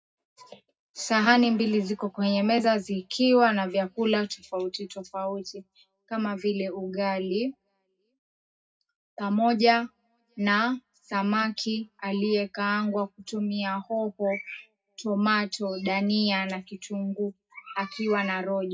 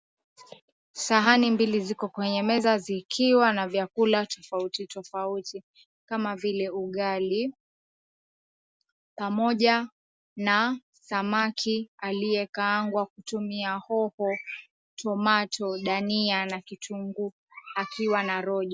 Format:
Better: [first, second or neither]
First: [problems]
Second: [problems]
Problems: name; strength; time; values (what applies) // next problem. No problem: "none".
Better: second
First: room echo; dies away in 0.2 s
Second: none